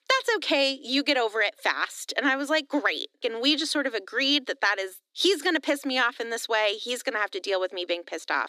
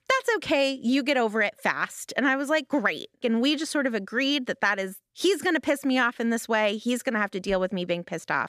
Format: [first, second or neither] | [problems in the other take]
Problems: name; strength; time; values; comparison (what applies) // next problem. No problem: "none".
second | thin; very slightly; fading below 300 Hz